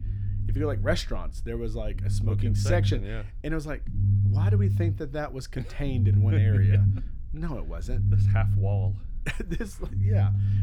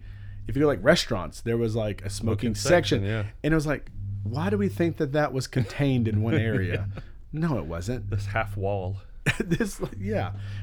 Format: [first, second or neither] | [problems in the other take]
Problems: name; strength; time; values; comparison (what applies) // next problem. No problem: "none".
second | low rumble; loud; throughout; 4 dB below the speech; faint in the second